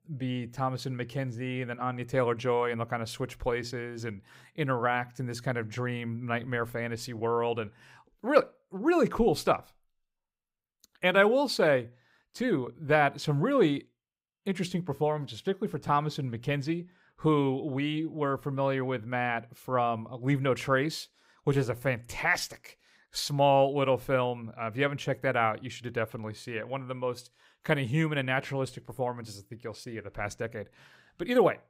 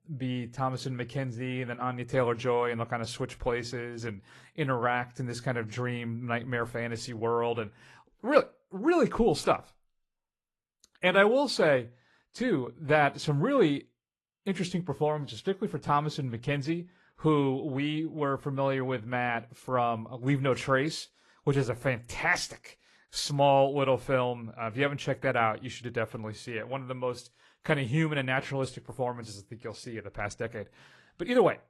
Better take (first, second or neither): first